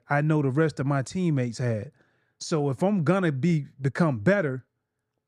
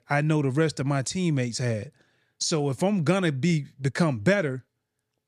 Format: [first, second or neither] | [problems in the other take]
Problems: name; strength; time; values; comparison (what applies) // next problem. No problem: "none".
second | muffled; slightly; fading above 2 kHz